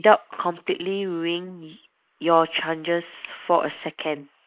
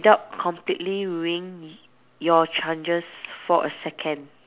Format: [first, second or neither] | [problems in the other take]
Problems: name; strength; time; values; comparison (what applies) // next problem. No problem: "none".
second | noise reduction (neural mask model Resemble Enhance denoiser)